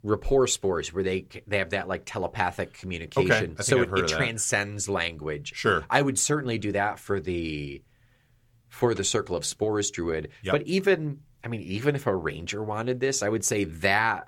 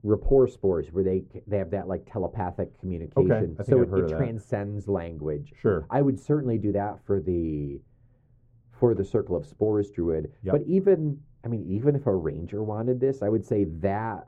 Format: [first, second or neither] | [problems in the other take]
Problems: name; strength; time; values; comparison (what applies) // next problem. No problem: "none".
first | muffled; very; fading above 1.5 kHz